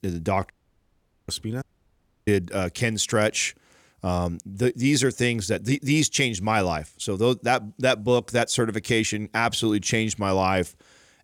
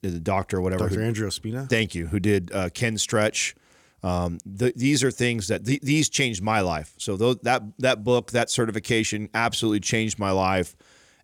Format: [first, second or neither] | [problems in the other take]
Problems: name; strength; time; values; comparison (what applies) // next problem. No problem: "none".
second | audio cutting out; at 0.5 s for 1 s and at 1.5 s for 0.5 s